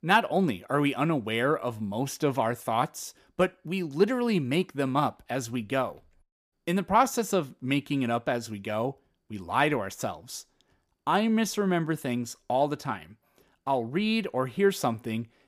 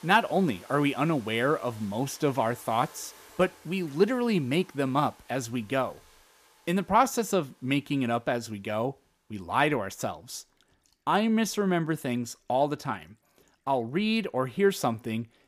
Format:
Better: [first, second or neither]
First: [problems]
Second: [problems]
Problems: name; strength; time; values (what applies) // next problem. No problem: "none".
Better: first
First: none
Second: household noises; faint; throughout; 25 dB below the speech